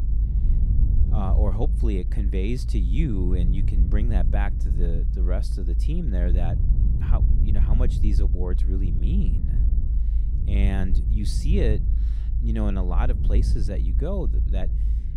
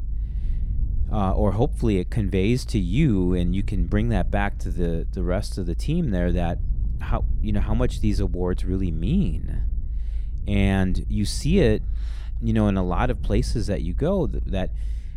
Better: second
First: low rumble; loud; throughout; 7 dB below the speech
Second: low rumble; faint; throughout; 20 dB below the speech

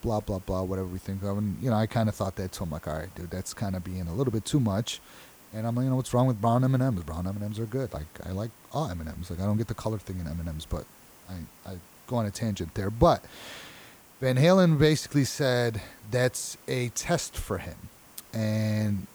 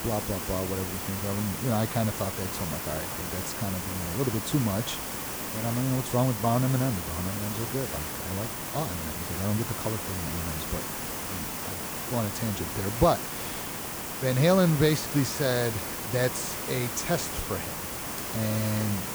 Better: first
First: hiss; faint; throughout; 25 dB below the speech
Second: hiss; loud; throughout; 3 dB below the speech

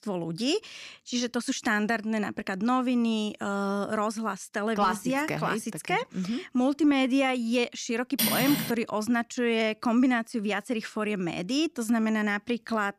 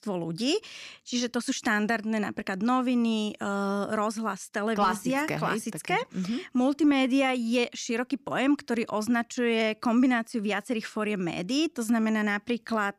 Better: second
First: clattering dishes; loud; at 8 s; peak 2 dB above the speech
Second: none

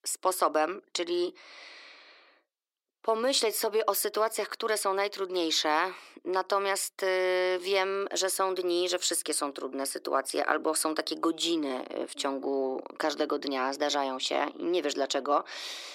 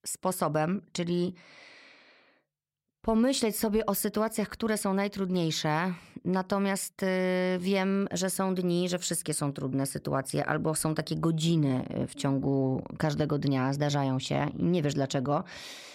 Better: second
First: thin; very; fading below 300 Hz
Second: none

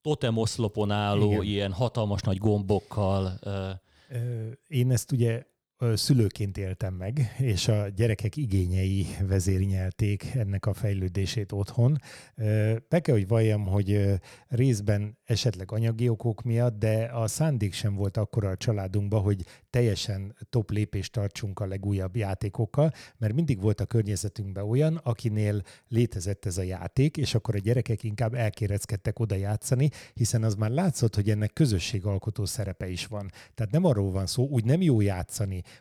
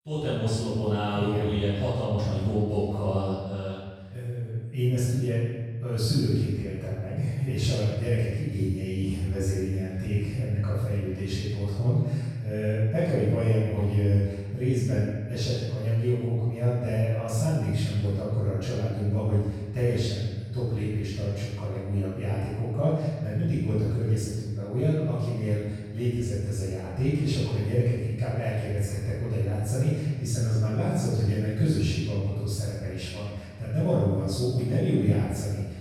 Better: first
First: none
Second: room echo; strong; dies away in 1.2 s // off-mic speech; far

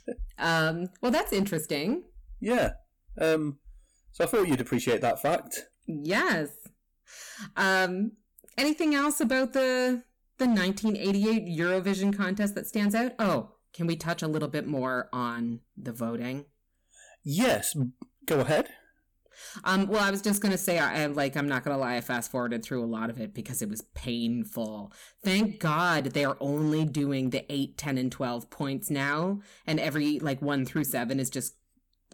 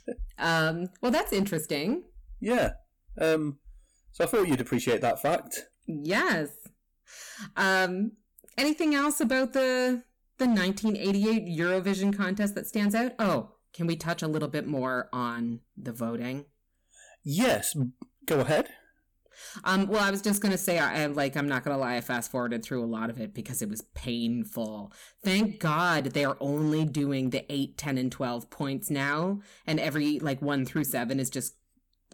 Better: neither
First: distortion; slight; 6% of the sound clipped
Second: distortion; slight; 6% of the sound clipped

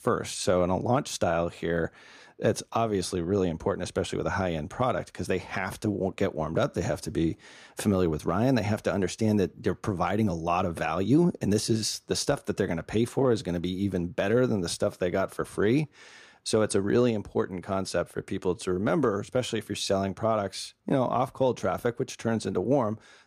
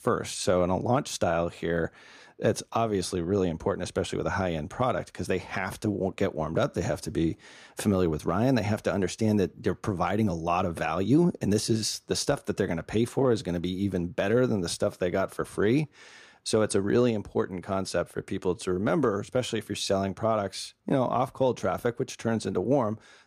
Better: neither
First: none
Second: none

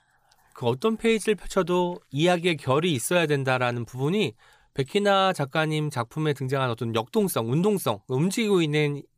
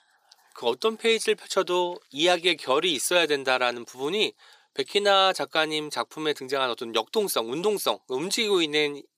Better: first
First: none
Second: thin; somewhat; fading below 300 Hz

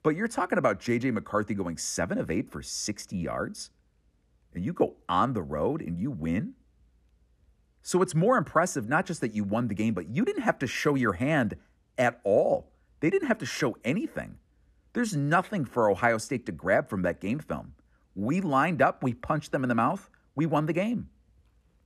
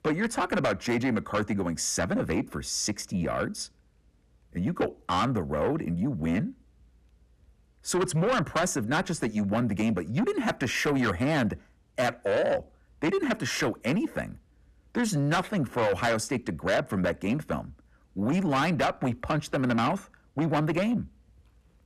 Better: first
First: none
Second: distortion; heavy; 7 dB below the speech

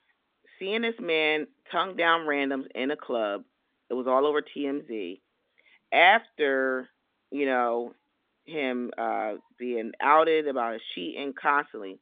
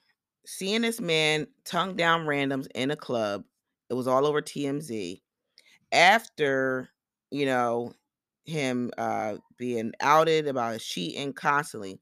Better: second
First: phone-call audio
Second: none

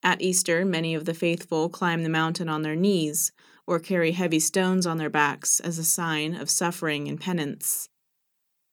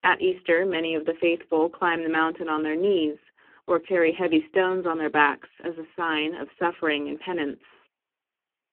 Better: first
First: none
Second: phone-call audio; poor line

